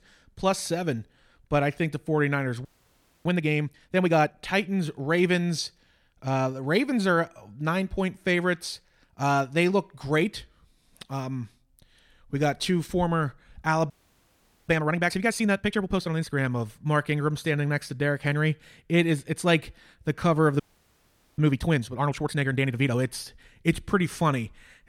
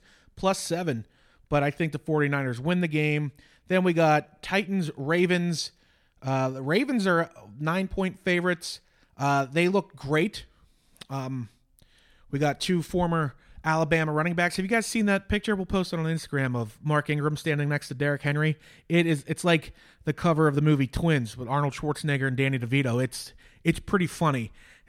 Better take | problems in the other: second | audio freezing; at 2.5 s for 0.5 s, at 14 s for 1 s and at 21 s for 1 s

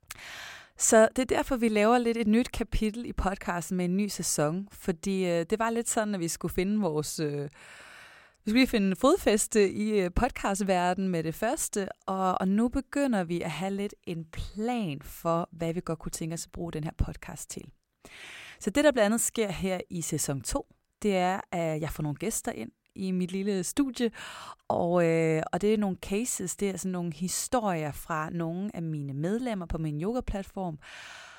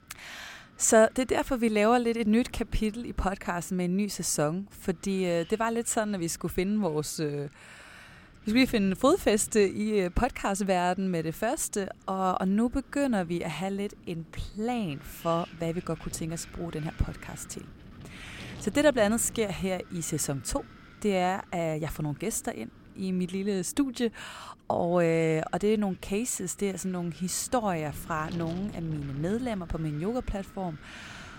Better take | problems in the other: first | wind noise on the microphone; occasional gusts; 25 dB below the speech

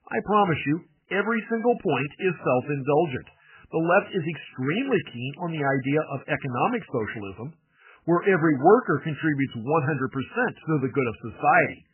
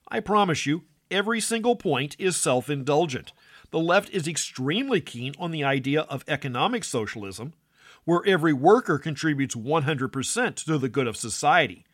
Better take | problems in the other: second | garbled, watery; badly; nothing above 3 kHz

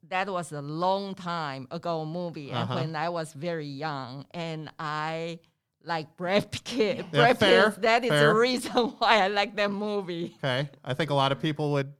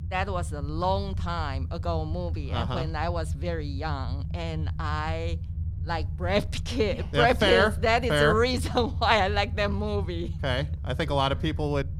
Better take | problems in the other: first | low rumble; faint; throughout; 20 dB below the speech

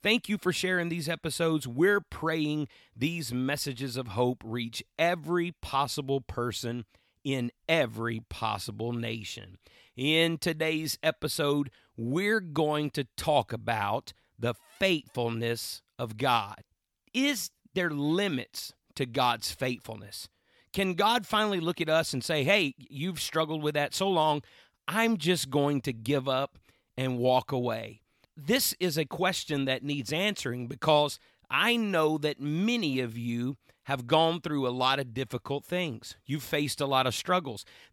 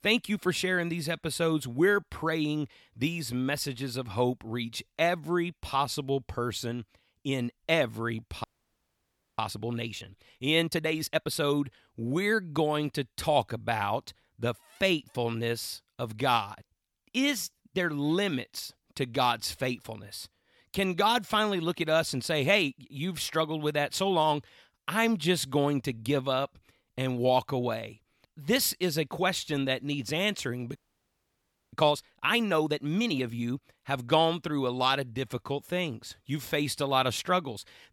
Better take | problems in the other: first | audio freezing; at 8.5 s for 1 s and at 31 s for 1 s

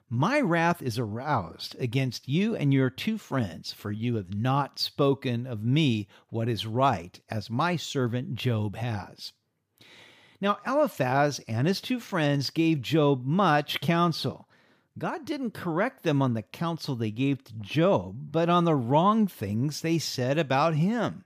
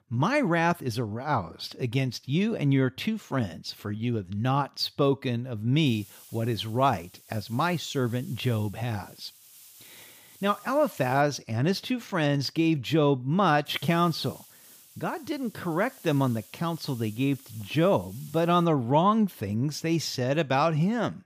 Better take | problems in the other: first | hiss; faint; from 6 to 11 s and from 14 to 19 s; 20 dB below the speech

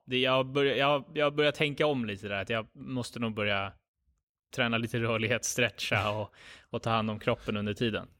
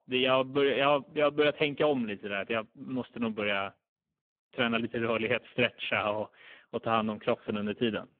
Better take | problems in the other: first | phone-call audio; poor line

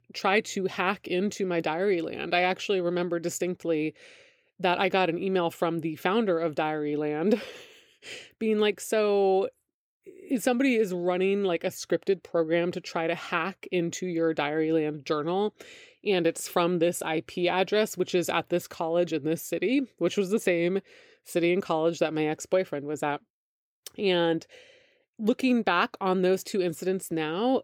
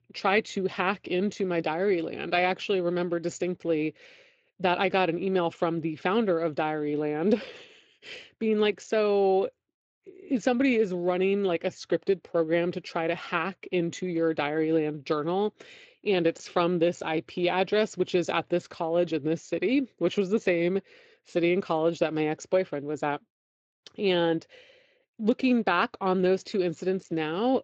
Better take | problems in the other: first | garbled, watery; slightly; nothing above 7.5 kHz

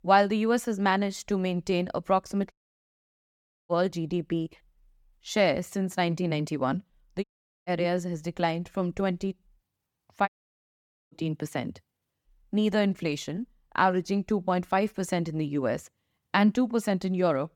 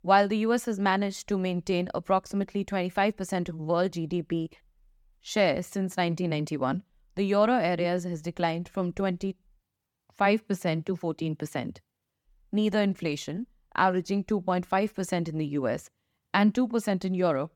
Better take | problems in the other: second | audio cutting out; at 2.5 s for 1 s, at 7 s and at 10 s for 1 s

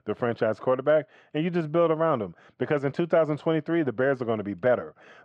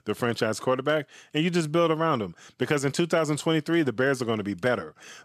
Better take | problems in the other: second | muffled; very; fading above 2 kHz

